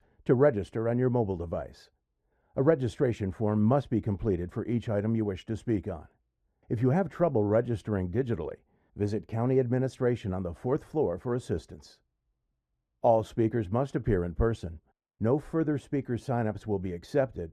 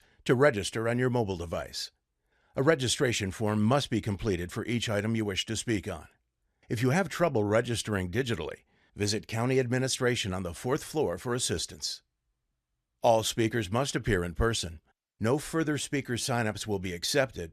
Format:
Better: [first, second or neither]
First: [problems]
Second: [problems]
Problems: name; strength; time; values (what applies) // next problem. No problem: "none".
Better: second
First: muffled; very; fading above 1.5 kHz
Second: none